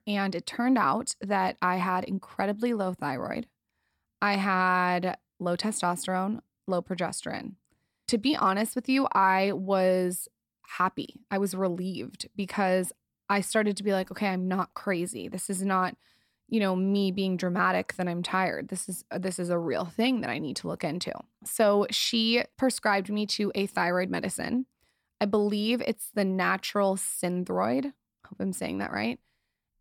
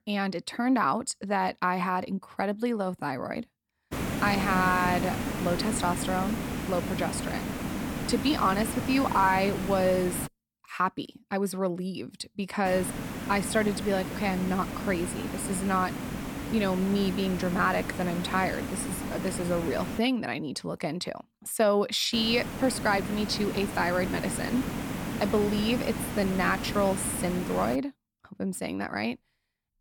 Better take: first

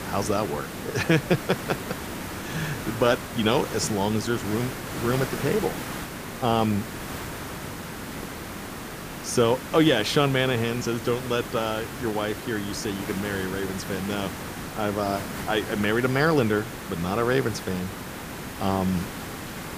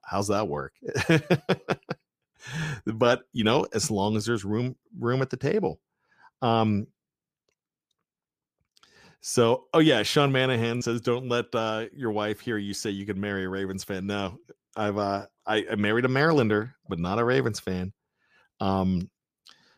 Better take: second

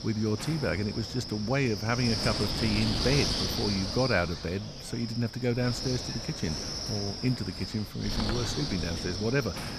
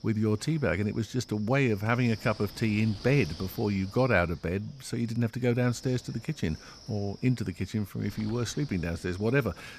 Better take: second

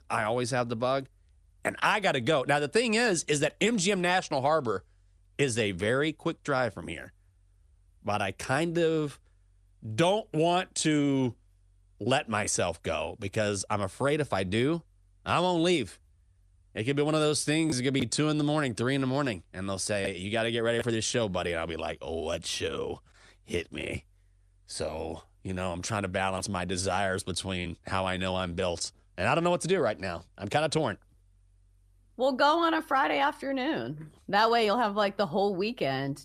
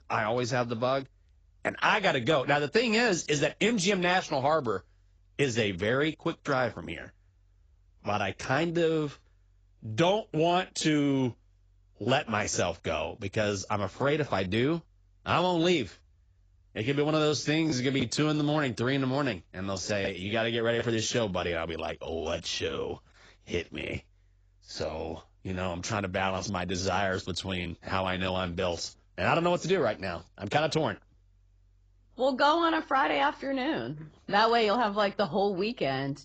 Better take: first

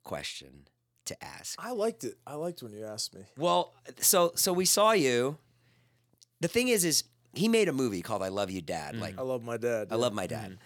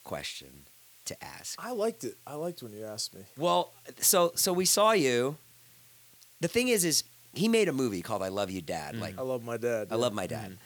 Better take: first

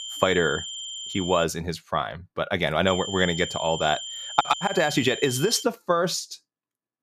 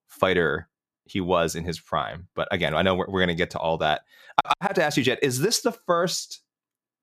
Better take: second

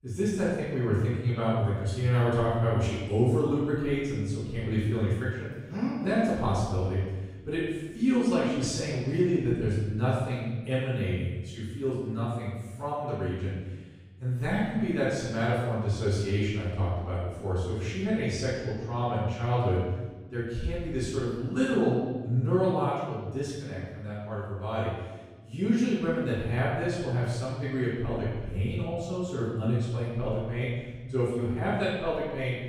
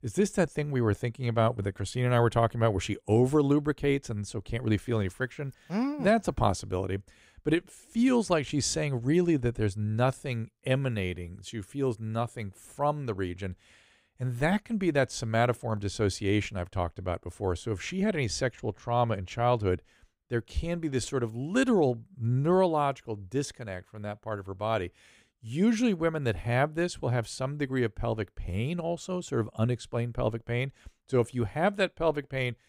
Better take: second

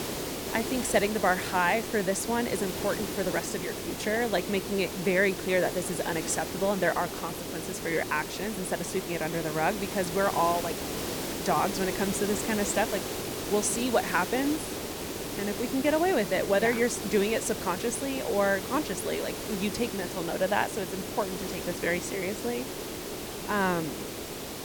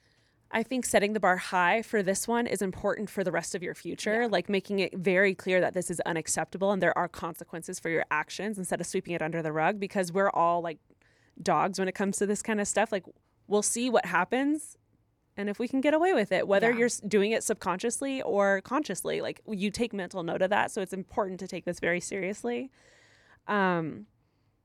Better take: second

